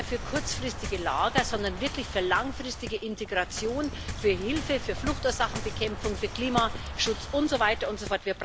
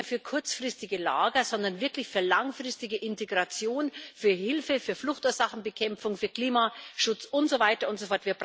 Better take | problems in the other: second | background sound (Waves, surf); 6 dB below the speech

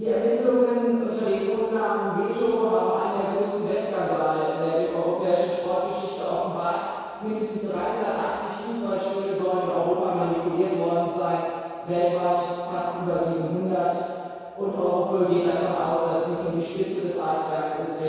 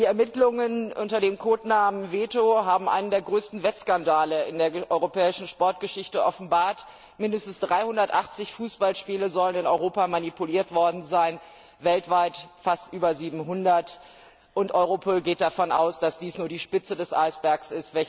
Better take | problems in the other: second | room echo; dies away in 2 s

